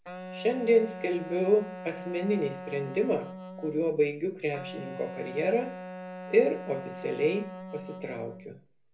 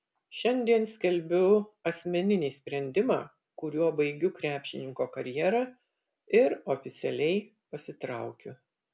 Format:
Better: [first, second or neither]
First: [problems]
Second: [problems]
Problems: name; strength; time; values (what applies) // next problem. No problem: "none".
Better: second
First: background sound (Wind instrument, woodwind instrument); 12 dB below the speech // room echo; dies away in 0.3 s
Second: none